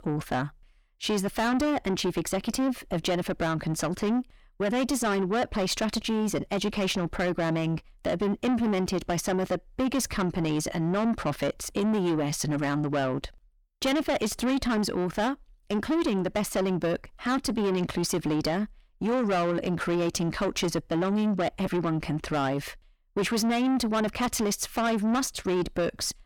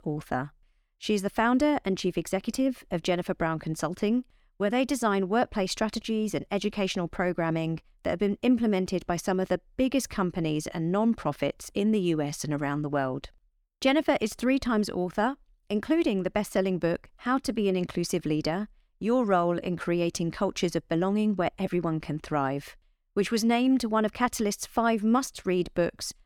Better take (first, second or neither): second